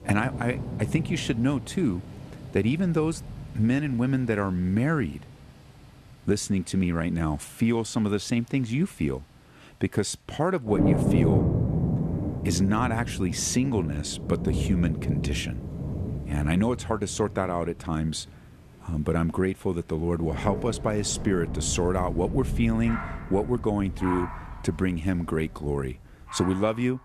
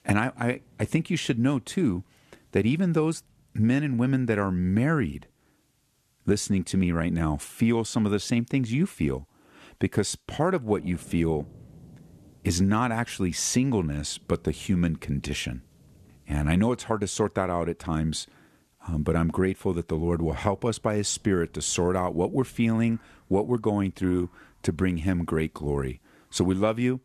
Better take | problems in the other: second | rain or running water; loud; throughout; 4 dB below the speech; faint in the second

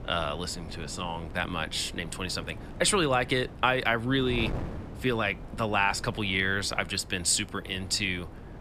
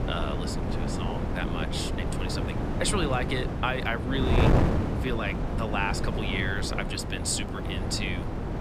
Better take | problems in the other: first | wind noise on the microphone; heavy; 3 dB below the speech; occasional gusts in the first

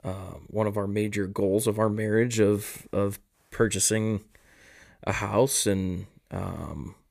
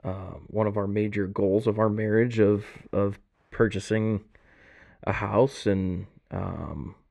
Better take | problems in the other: first | muffled; very; fading above 2.5 kHz

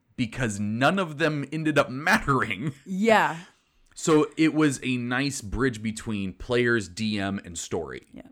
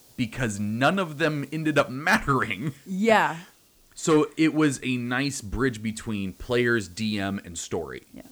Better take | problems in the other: first | hiss; faint; throughout; 30 dB below the speech

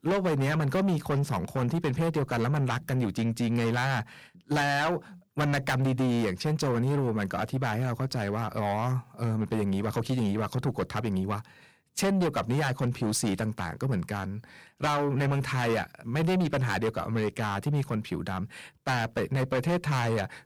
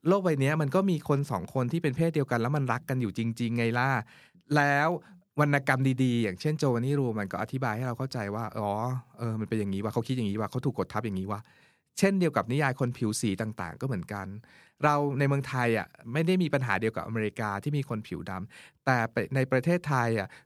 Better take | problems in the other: second | distortion; heavy; 6 dB below the speech

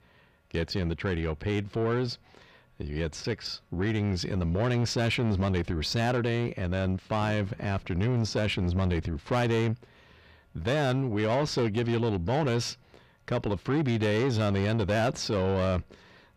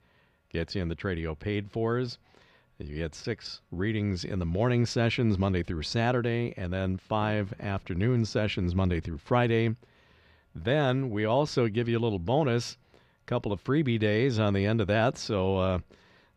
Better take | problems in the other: second | distortion; slight; 10 dB below the speech

